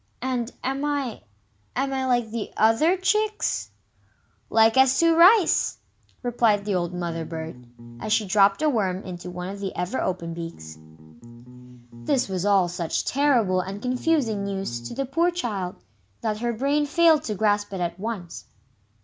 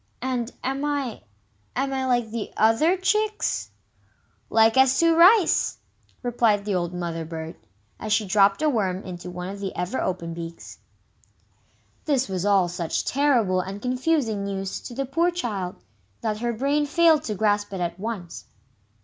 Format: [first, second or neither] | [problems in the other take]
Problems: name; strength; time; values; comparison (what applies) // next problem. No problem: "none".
second | background sound (Bass guitar); 16 dB below the speech